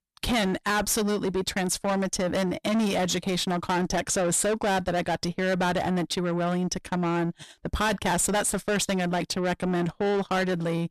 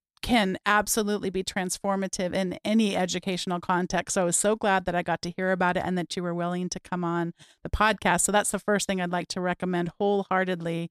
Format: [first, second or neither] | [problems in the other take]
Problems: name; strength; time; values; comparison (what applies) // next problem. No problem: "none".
second | distortion; heavy; 7 dB below the speech